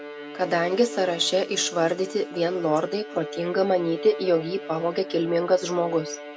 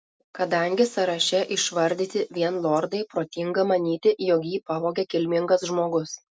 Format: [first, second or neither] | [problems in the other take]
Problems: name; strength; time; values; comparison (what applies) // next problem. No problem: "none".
second | background sound (Bowed string instrument); 12 dB below the speech